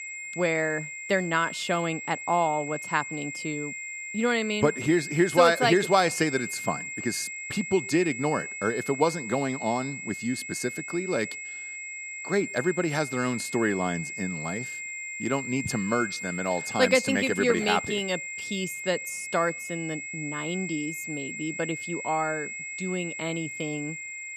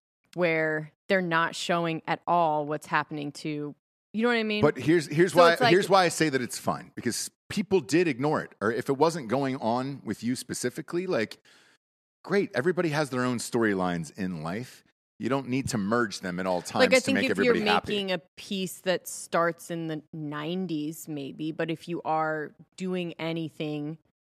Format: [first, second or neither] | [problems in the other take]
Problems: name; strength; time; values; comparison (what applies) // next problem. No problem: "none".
second | high-pitched whine; loud; throughout; 2 kHz, 7 dB below the speech